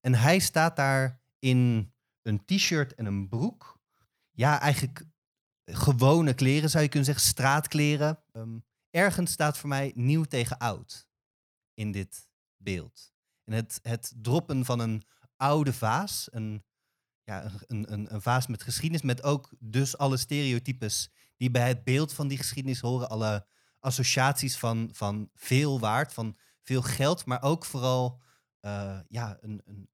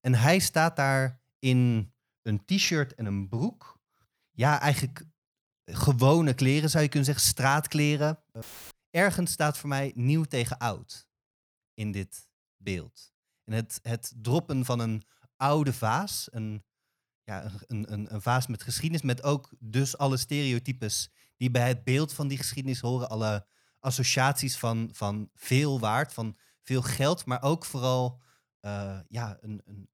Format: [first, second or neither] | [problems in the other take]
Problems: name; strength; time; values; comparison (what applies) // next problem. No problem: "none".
first | audio cutting out; filled with static; at 8.5 s